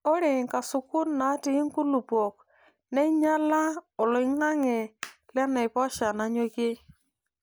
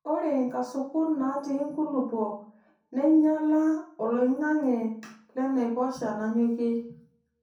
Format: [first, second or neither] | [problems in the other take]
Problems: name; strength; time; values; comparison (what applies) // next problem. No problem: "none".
first | room echo; dies away in 0.5 s